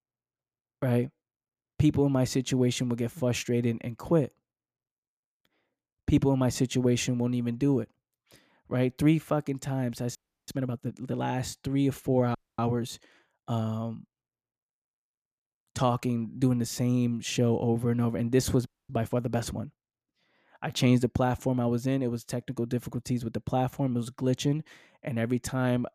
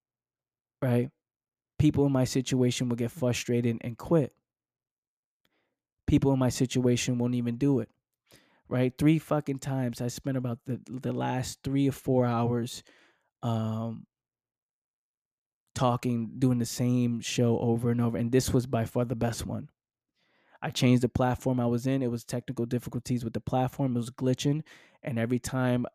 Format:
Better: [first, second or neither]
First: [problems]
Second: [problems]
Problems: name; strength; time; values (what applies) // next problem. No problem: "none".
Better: second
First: audio freezing; at 10 s, at 12 s and at 19 s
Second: none